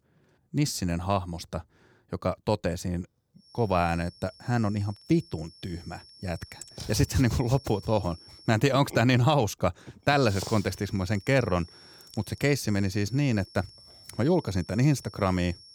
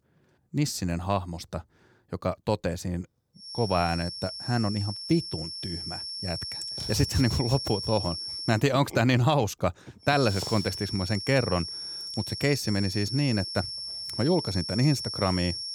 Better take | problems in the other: first | high-pitched whine; loud; from 3.5 to 8.5 s and from 10 s on; 5.5 kHz, 6 dB below the speech; faint in the first

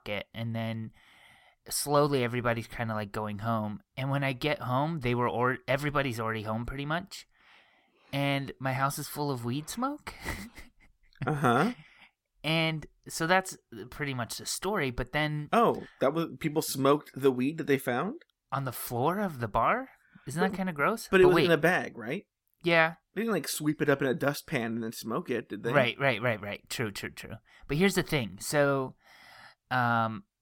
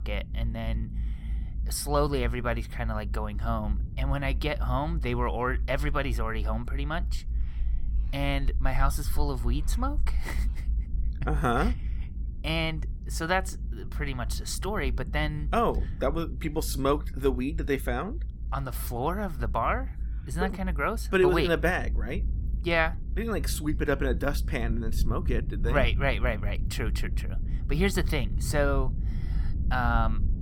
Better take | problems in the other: first | low rumble; faint; throughout; 20 dB below the speech

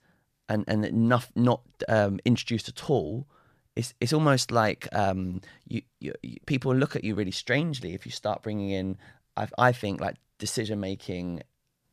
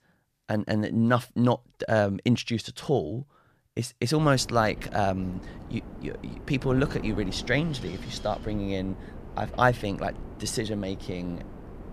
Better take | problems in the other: first | wind noise on the microphone; occasional gusts; from 4 s on; 15 dB below the speech

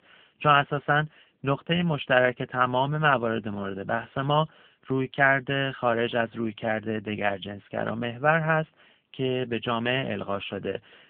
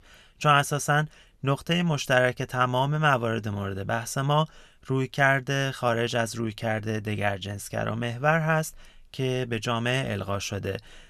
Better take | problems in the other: second | phone-call audio; nothing above 3 kHz

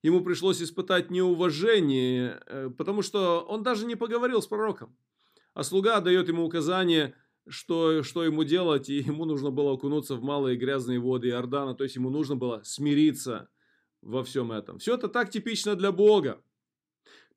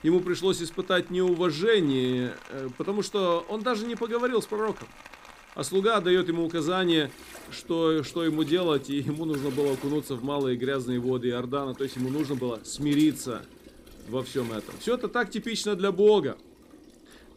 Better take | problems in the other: first | rain or running water; faint; throughout; 20 dB below the speech

